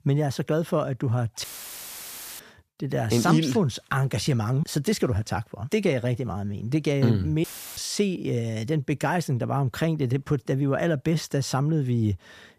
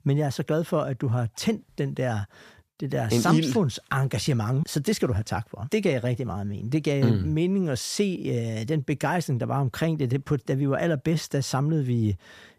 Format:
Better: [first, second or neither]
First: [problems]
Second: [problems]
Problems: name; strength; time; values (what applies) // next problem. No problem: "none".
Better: second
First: audio cutting out; filled with static; at 1.5 s for 1 s and at 7.5 s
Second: none